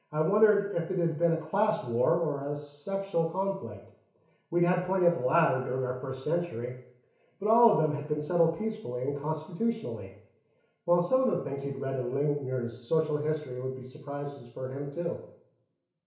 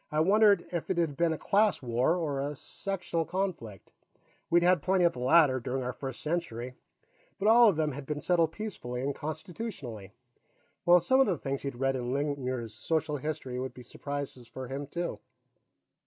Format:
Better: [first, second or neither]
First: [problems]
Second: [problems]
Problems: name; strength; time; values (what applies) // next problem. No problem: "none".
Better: second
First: room echo; dies away in 0.6 s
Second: none